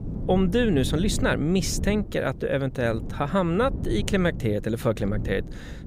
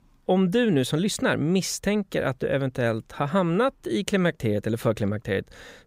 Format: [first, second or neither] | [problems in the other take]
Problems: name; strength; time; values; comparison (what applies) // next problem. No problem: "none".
second | wind noise on the microphone; occasional gusts; 15 dB below the speech